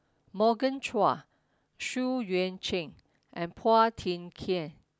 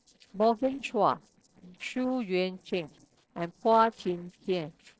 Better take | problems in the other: first | noise reduction (neural separator model SepFormer DNS4)

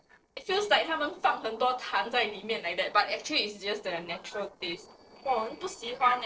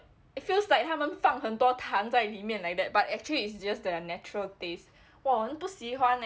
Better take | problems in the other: second | noise reduction (neural separator model SepFormer DNS4)

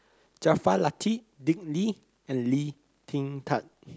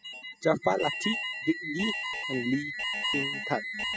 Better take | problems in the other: first | noise reduction (classical method spectral subtraction)

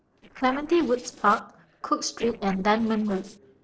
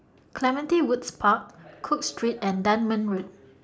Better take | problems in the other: second | noise reduction (neural separator model SepFormer DNS4)

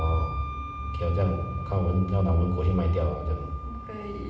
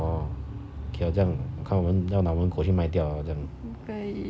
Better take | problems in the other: second | background sound (Wind instrument, woodwind instrument); 13 dB below the speech // room echo; dies away in 0.9 s

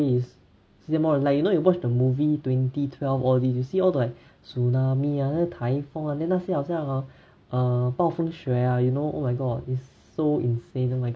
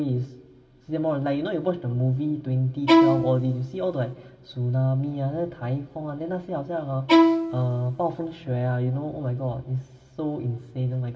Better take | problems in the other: first | background sound (Bowed string instrument); 5 dB above the speech // room echo; dies away in 1.2 s

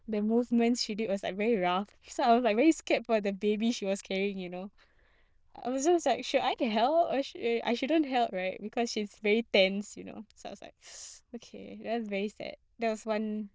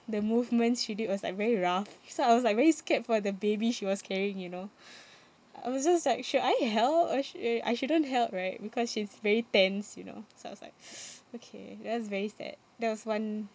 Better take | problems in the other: second | noise reduction (neural diffusion model UNIVERSE++)

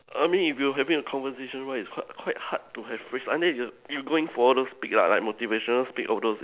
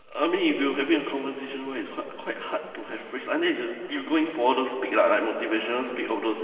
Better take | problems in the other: first | room echo; dies away in 2.7 s

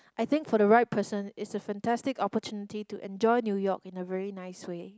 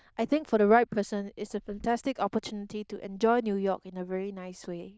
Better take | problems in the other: first | noise reduction (neural diffusion model UNIVERSE++)

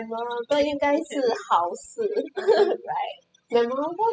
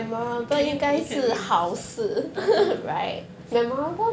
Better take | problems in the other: second | noise reduction (classical method spectral subtraction)

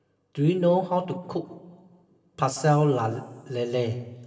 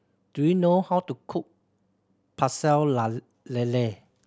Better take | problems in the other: second | room echo; dies away in 2.8 s

